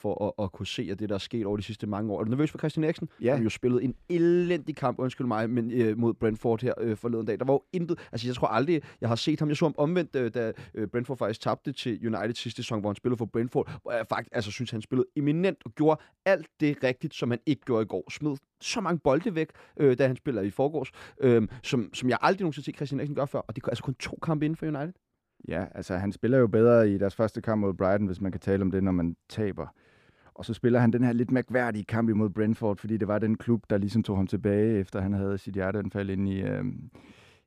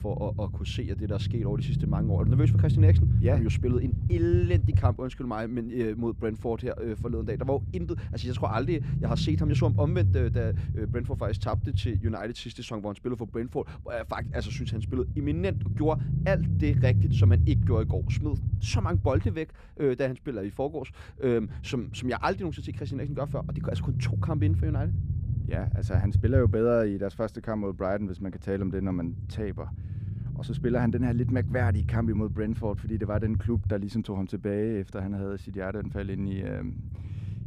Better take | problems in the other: first | low rumble; loud; throughout; 8 dB below the speech

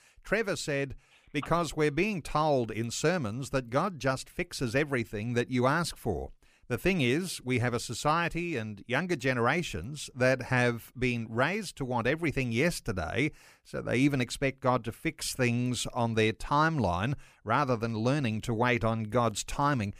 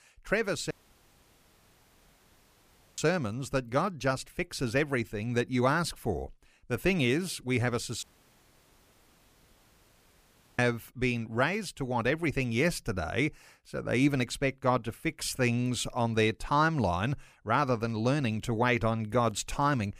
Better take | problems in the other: first | audio cutting out; at 0.5 s for 2.5 s and at 8 s for 2.5 s

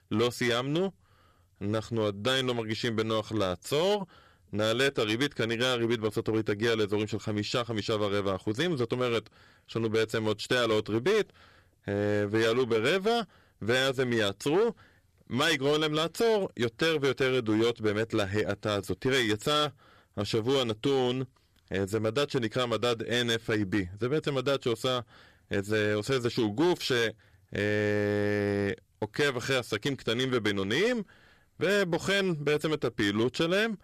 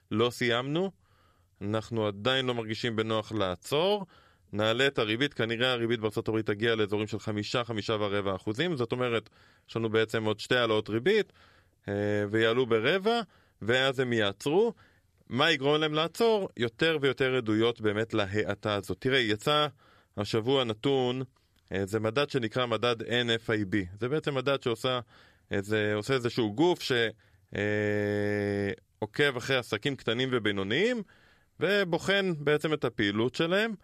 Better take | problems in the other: second | distortion; slight; 8% of the sound clipped

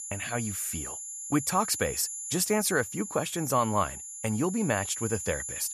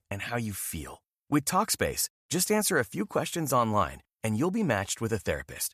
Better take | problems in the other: second | high-pitched whine; loud; throughout; 7 kHz, 6 dB below the speech

